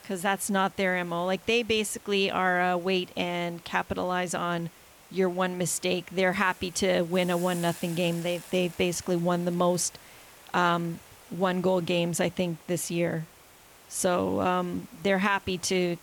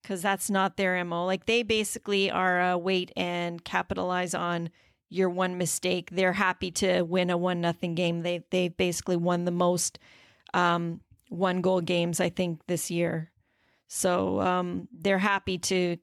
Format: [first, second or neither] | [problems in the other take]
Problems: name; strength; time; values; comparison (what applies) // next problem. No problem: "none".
second | hiss; faint; throughout; 20 dB below the speech